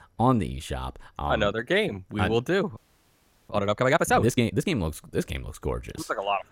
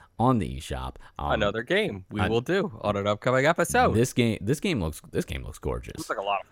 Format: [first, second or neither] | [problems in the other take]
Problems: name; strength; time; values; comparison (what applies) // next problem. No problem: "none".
second | audio freezing; at 3 s for 0.5 s